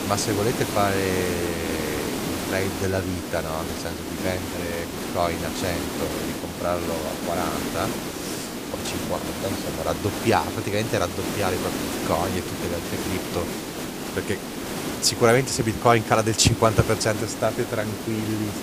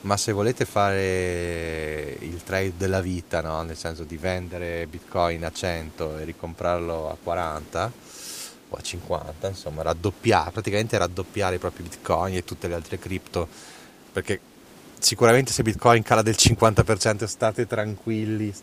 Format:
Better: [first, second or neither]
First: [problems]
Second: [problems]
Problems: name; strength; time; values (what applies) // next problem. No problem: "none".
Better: second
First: hiss; loud; throughout; 4 dB below the speech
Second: hiss; faint; throughout; 25 dB below the speech